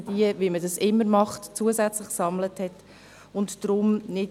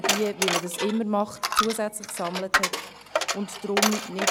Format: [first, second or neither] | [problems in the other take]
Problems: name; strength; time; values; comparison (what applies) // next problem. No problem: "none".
first | background sound (Coin (dropping)); 1 dB above the speech